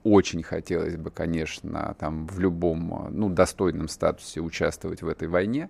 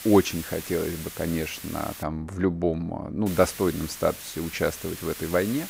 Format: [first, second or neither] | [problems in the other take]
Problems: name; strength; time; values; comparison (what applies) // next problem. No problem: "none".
first | hiss; noticeable; until 2 s and from 3.5 s on; 10 dB below the speech